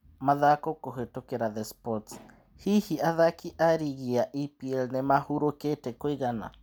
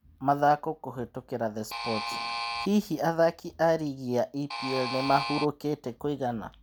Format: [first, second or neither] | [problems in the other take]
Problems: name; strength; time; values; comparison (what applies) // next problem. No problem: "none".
first | background sound (Alarm); 5 dB below the speech